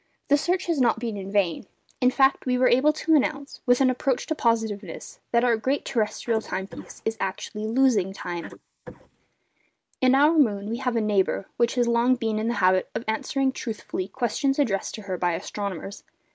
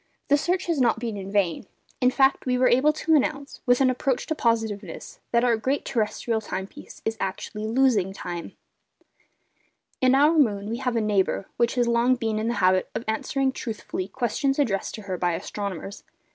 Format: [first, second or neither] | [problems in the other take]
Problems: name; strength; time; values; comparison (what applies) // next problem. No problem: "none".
second | noise reduction (neural mask model Resemble Enhance denoiser)